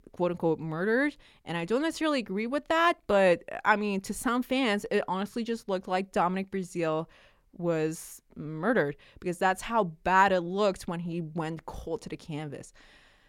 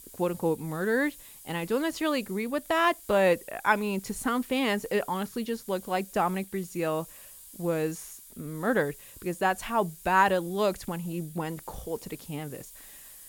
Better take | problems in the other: first | hiss; noticeable; throughout; 20 dB below the speech

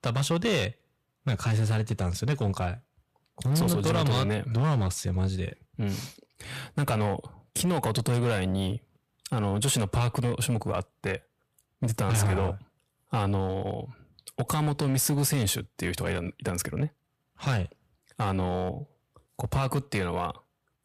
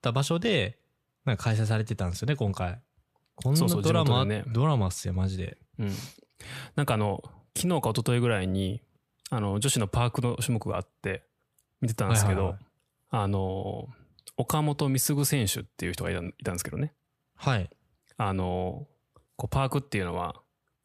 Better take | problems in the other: second | distortion; slight; 9% of the sound clipped

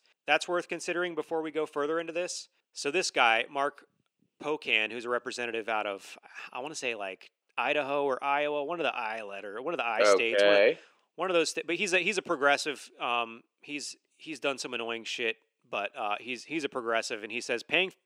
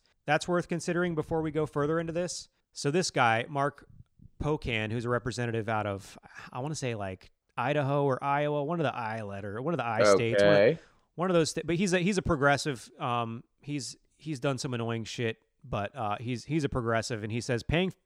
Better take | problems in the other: second | thin; somewhat; fading below 300 Hz

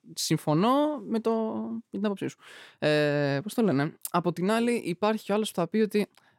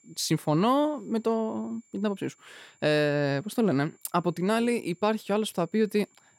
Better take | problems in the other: first | high-pitched whine; faint; throughout; 7 kHz, 35 dB below the speech

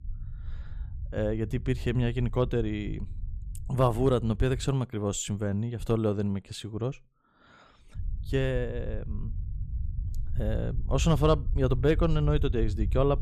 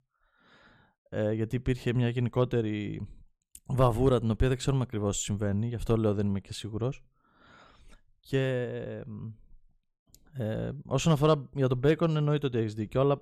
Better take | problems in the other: second | low rumble; faint; until 4.5 s and from 8 s on; 20 dB below the speech

